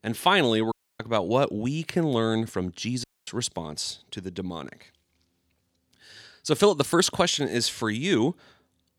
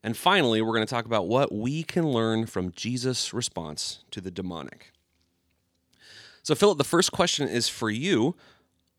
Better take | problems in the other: second | audio cutting out; at 0.5 s and at 3 s

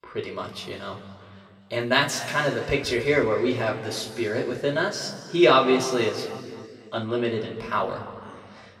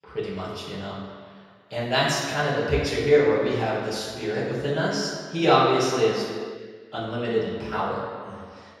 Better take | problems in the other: first | room echo; strong; dies away in 1.7 s; slight in the first // off-mic speech; far; somewhat distant in the first

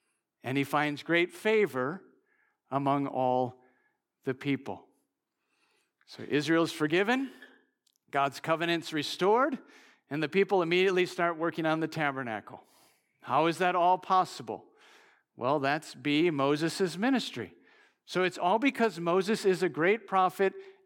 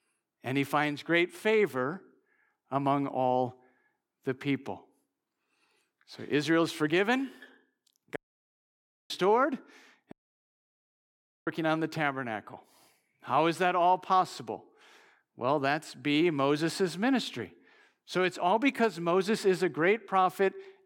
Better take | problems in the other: first | audio cutting out; at 8 s for 1 s and at 10 s for 1.5 s

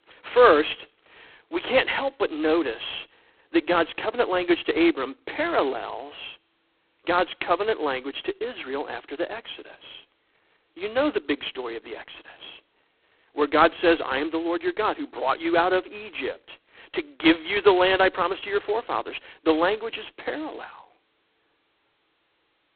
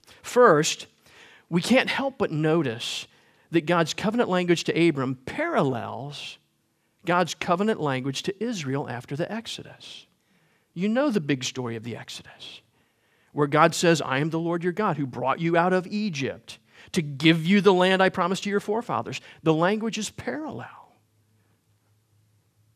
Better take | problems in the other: second | phone-call audio; poor line; nothing above 4 kHz

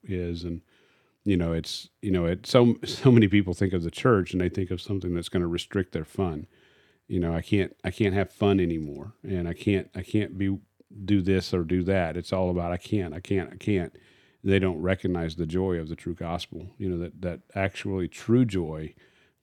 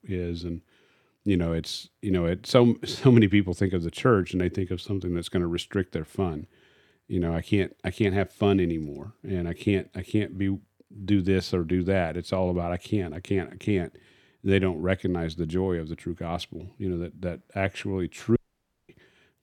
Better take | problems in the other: first | audio cutting out; at 18 s for 0.5 s

